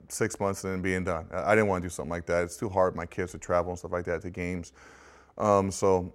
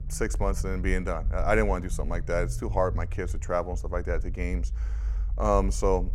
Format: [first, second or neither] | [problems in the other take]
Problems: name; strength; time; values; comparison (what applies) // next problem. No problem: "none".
first | low rumble; faint; throughout; 25 dB below the speech